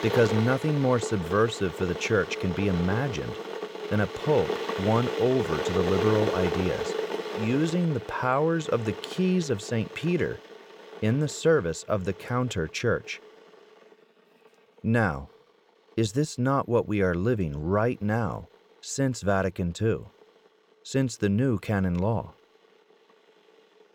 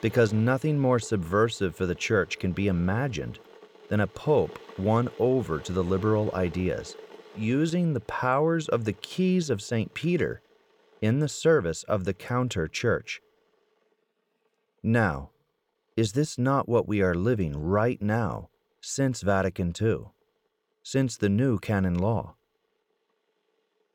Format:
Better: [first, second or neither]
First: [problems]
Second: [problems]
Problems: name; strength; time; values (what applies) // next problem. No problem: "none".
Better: second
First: household noises; loud; throughout; 6 dB below the speech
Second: household noises; faint; throughout; 20 dB below the speech